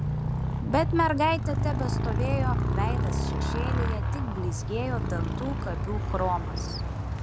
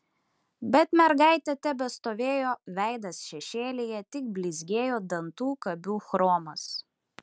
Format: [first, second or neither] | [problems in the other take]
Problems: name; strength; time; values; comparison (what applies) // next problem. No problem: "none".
second | background sound (Motorcycle); 4 dB above the speech